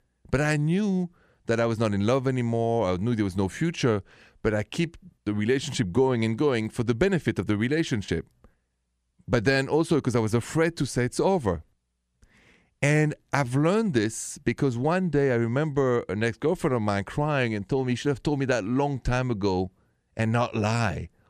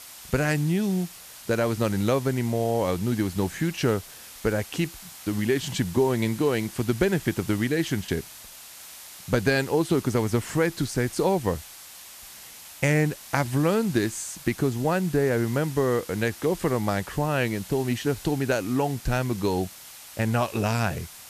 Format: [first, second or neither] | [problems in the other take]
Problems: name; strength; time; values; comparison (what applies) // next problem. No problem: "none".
first | hiss; noticeable; throughout; 15 dB below the speech